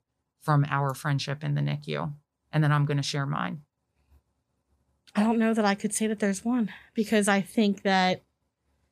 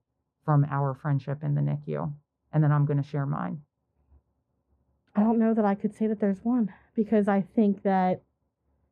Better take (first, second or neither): first